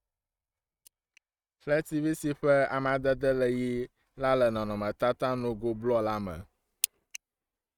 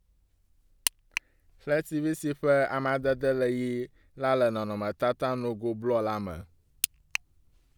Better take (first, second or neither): second